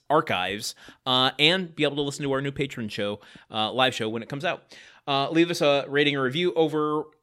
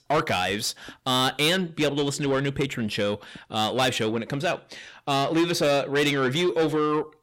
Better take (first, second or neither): first